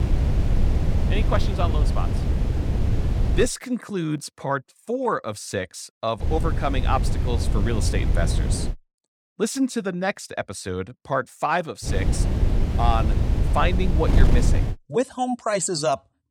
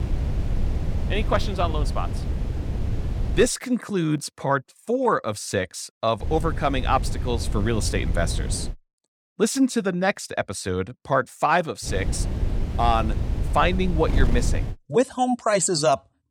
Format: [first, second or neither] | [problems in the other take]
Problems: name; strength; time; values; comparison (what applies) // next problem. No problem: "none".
second | wind noise on the microphone; heavy; until 3.5 s, from 6 to 8.5 s and from 12 to 15 s; 8 dB below the speech; occasional gusts in the second